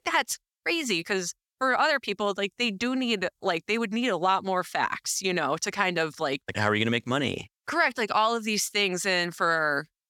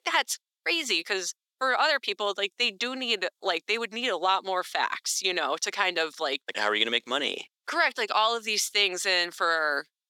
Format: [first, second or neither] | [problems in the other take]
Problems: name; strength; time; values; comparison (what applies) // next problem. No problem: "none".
first | thin; somewhat; fading below 350 Hz